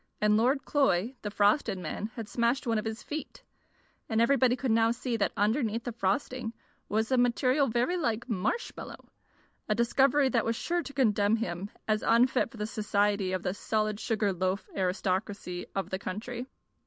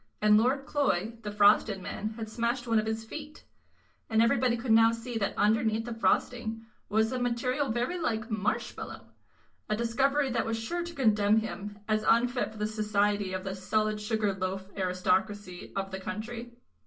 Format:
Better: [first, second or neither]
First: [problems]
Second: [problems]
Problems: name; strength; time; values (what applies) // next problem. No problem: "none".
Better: first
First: none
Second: room echo; dies away in 0.2 s